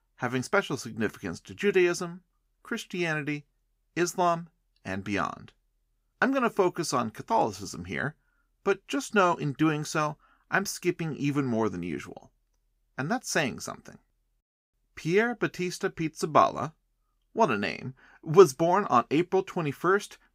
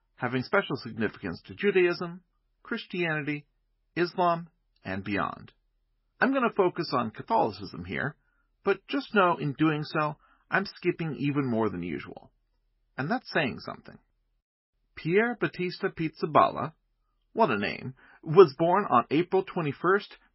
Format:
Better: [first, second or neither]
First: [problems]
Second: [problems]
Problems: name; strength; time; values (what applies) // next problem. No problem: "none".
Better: first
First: none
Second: garbled, watery; badly; nothing above 5.5 kHz